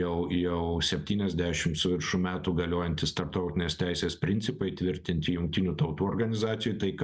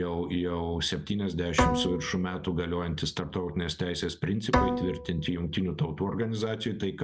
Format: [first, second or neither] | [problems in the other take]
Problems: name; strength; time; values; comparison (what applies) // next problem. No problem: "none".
first | background sound (Bowed string instrument); 2 dB below the speech